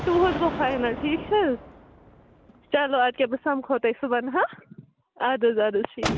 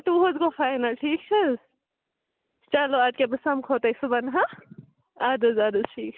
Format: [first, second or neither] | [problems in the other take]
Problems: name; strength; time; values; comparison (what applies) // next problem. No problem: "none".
second | background sound (Gunshot, gunfire); 11 dB below the speech